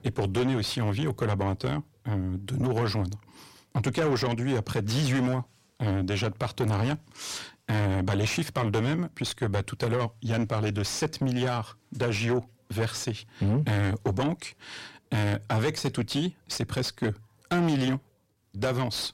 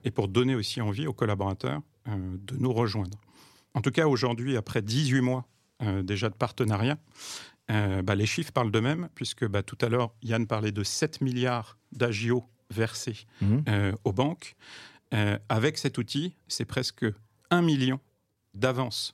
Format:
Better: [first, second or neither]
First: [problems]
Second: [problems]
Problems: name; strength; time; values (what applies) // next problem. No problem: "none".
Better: second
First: distortion; heavy; 7 dB below the speech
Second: none